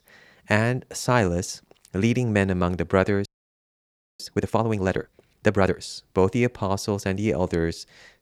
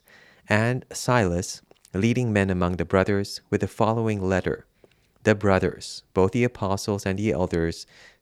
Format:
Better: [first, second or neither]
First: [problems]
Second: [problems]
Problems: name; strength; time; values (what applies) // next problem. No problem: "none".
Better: second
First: audio freezing; at 3.5 s for 1 s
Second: none